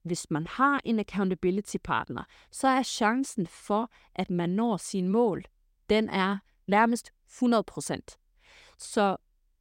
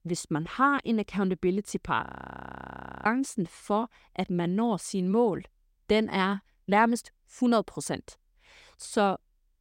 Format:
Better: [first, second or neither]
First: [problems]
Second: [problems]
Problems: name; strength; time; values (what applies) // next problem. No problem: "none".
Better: first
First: none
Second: audio freezing; at 2 s for 1 s